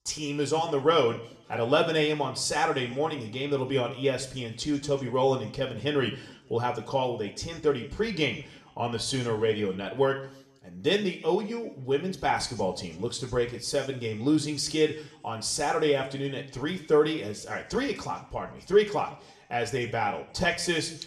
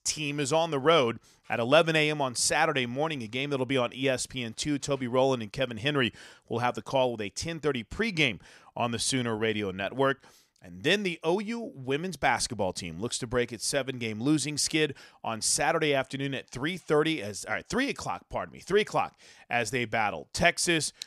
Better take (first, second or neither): second